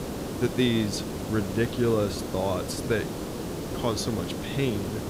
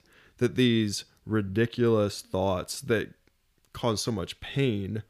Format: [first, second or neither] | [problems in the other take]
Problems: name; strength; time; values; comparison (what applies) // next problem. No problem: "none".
second | hiss; loud; throughout; 5 dB below the speech